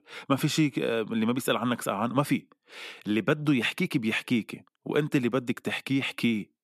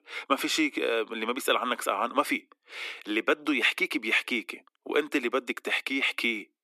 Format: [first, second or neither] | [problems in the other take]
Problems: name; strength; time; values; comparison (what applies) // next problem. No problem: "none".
first | thin; somewhat; fading below 300 Hz